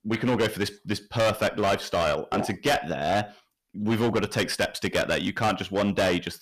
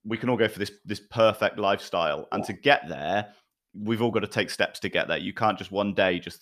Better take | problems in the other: second | distortion; heavy; 15% of the sound clipped

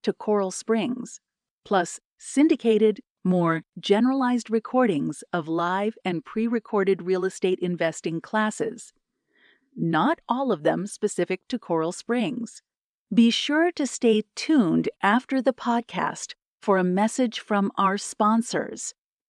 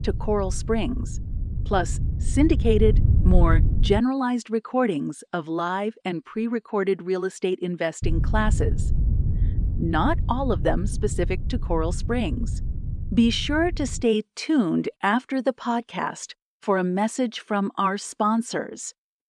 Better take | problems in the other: first | wind noise on the microphone; occasional gusts; until 4 s and from 8 to 14 s; 15 dB below the speech

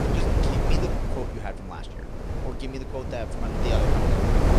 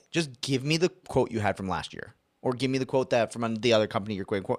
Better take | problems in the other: second | wind noise on the microphone; heavy; 4 dB above the speech

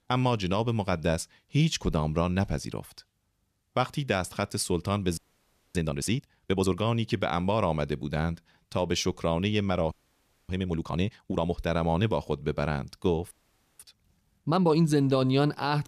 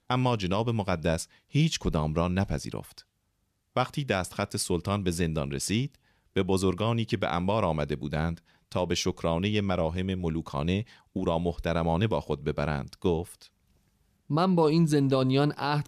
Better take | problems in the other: second | audio freezing; at 5 s for 0.5 s, at 10 s for 0.5 s and at 13 s

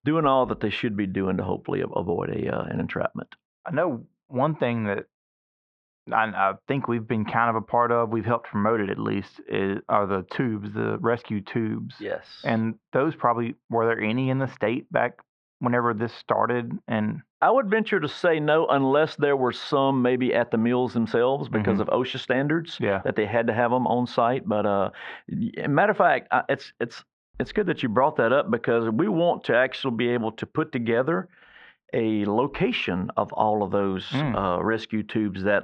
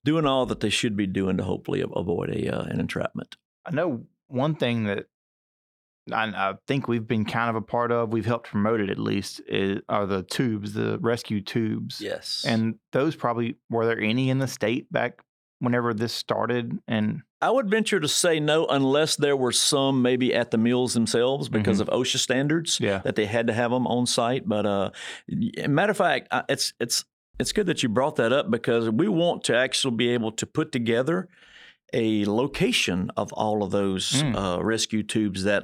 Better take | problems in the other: second | muffled; very; fading above 2.5 kHz

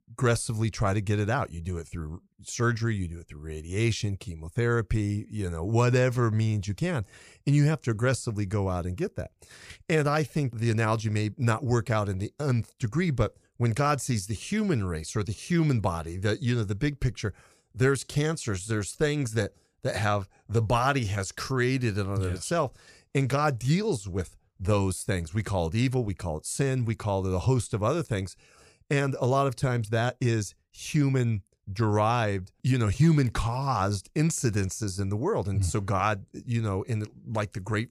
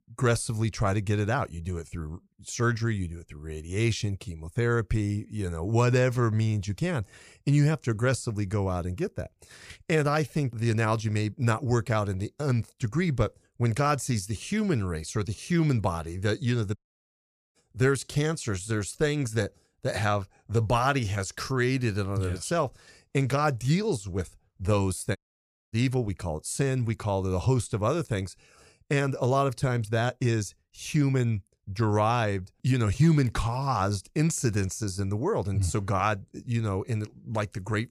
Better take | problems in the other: first | audio cutting out; at 17 s for 1 s and at 25 s for 0.5 s

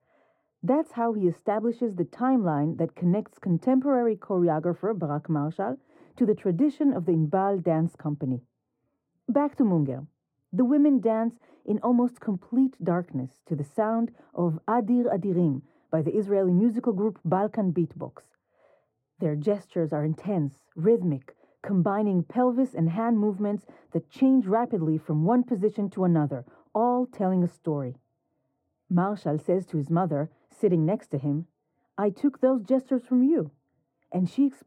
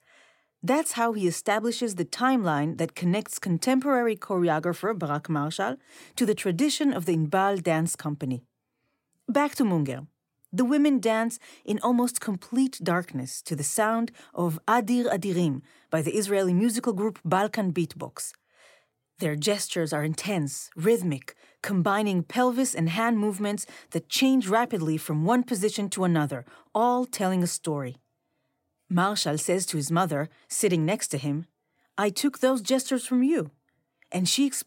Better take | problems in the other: second | muffled; very; fading above 2 kHz

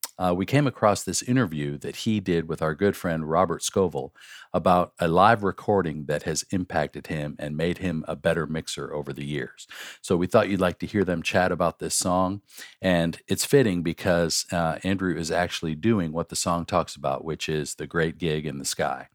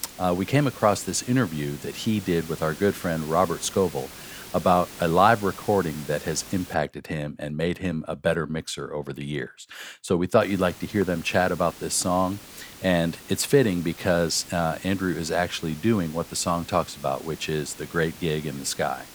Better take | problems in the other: first | hiss; noticeable; until 6.5 s and from 10 s on; 15 dB below the speech

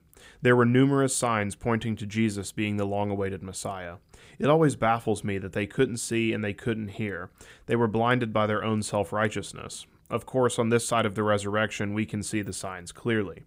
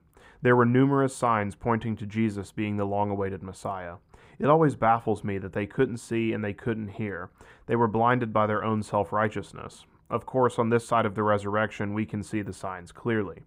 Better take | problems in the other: first | muffled; slightly; fading above 2.5 kHz

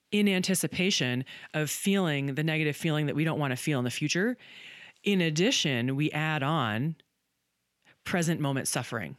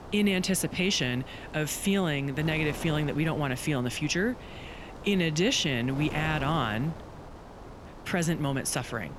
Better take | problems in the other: first | wind noise on the microphone; occasional gusts; 15 dB below the speech

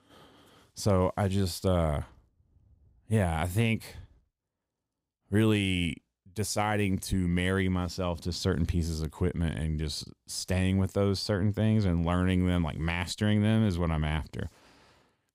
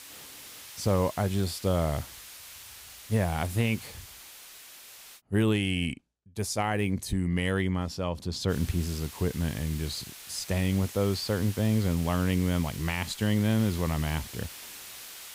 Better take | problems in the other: first | hiss; noticeable; until 5 s and from 8.5 s on; 15 dB below the speech

